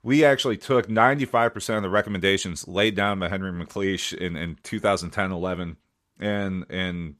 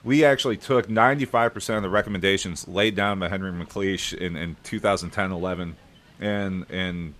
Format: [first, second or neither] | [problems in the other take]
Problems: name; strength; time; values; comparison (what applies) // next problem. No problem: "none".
first | hiss; faint; throughout; 30 dB below the speech